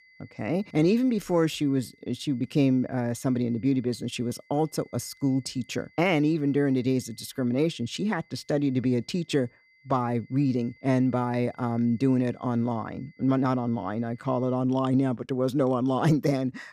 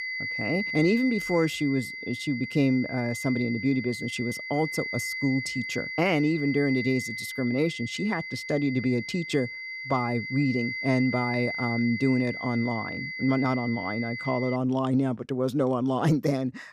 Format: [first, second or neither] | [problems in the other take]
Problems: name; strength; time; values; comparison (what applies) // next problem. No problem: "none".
first | high-pitched whine; loud; until 15 s; 2 kHz, 6 dB below the speech; faint in the first